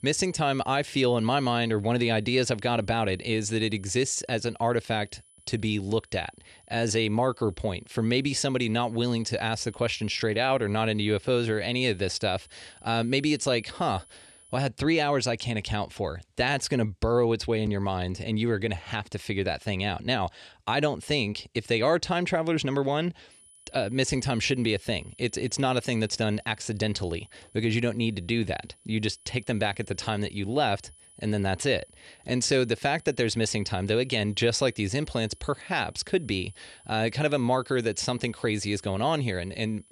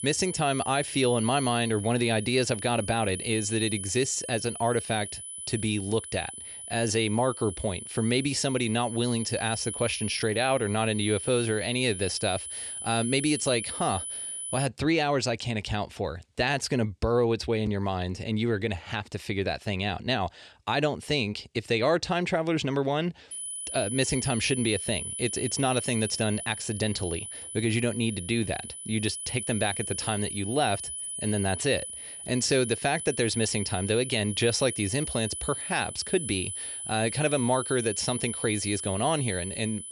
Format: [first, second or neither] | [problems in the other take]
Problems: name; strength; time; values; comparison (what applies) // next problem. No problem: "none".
first | high-pitched whine; loud; until 15 s and from 23 s on; 10 kHz, 6 dB below the speech; faint in the first